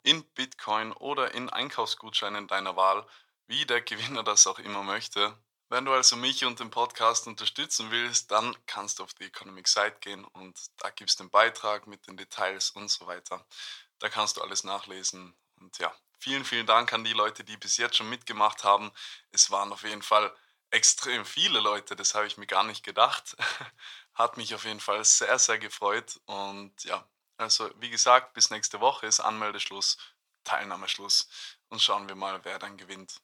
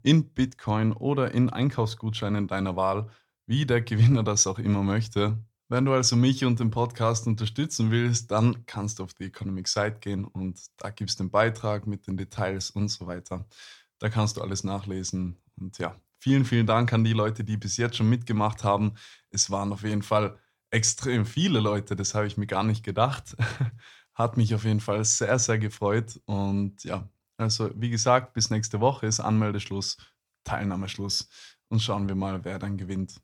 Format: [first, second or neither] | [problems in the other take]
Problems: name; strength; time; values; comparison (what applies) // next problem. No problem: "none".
second | thin; very; fading below 750 Hz